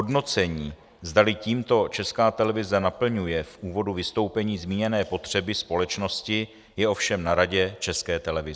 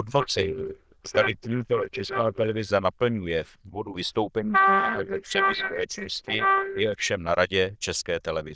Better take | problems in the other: first | noise reduction (neural diffusion model UNIVERSE++)

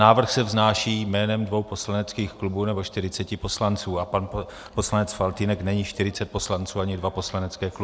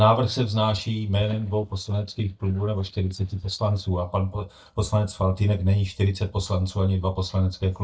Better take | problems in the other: first | noise reduction (neural mask model DeepFilterNet 3)

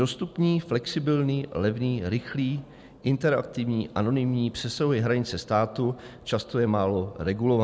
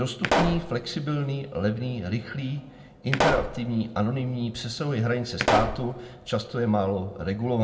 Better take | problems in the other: first | background sound (Explosion); 2 dB below the speech // room echo; dies away in 0.7 s

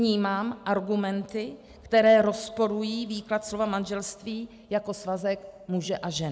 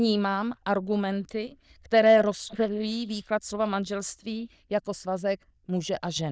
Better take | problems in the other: first | noise reduction (neural diffusion model UNIVERSE++)

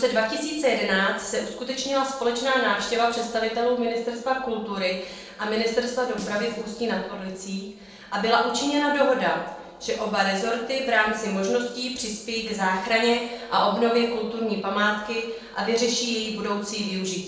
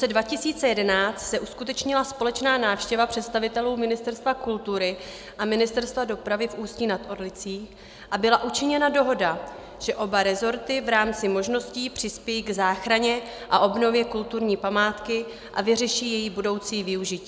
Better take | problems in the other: second | noise reduction (neural separator model SepFormer DNS4)

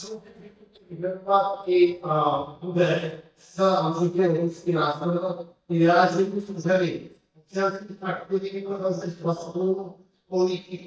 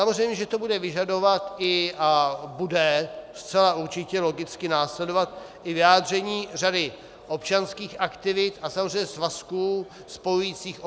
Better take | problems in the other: second | noise reduction (neural mask model DeepFilterNet 3)

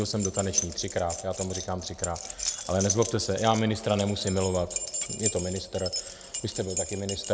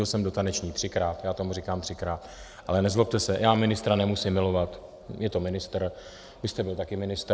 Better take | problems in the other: second | background sound (Keys jangling); 6 dB below the speech

